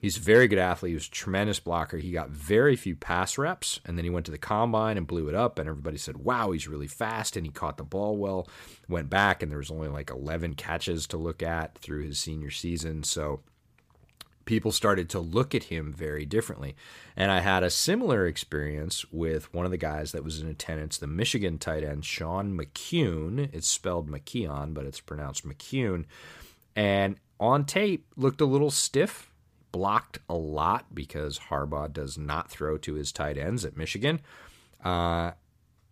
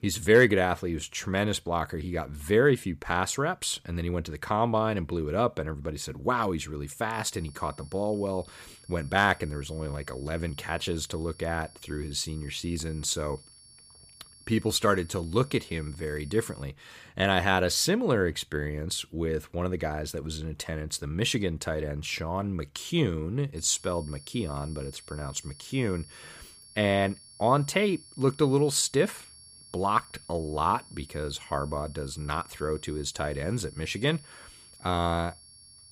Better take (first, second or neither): first